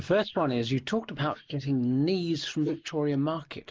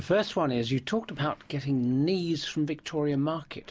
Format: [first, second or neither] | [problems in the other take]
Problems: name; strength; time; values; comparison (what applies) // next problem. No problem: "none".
second | noise reduction (neural mask model Resemble Enhance denoiser)